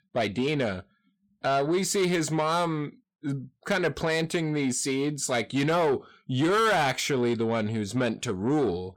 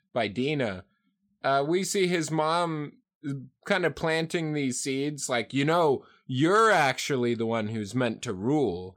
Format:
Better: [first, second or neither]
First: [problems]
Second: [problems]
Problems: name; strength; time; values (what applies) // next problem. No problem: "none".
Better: second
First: distortion; slight; 10 dB below the speech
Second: none